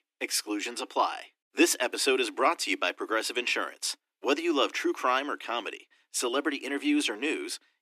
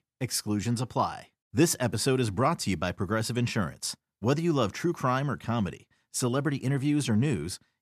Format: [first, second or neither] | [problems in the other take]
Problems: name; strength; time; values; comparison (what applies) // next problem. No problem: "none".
second | thin; somewhat; fading below 300 Hz